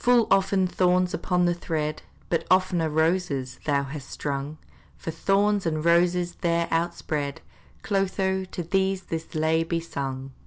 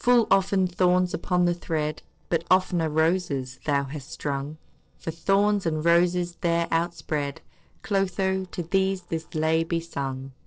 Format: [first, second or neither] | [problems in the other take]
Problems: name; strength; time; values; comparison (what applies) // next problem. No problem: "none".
first | noise reduction (neural separator model SepFormer DNS4)